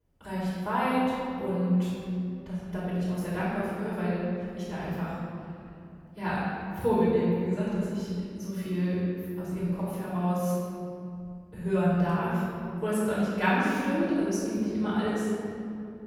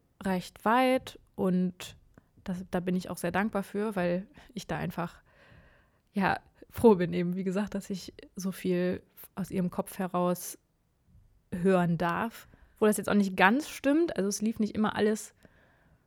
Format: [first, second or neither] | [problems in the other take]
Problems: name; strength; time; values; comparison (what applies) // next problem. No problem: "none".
second | room echo; strong; dies away in 2.6 s // off-mic speech; far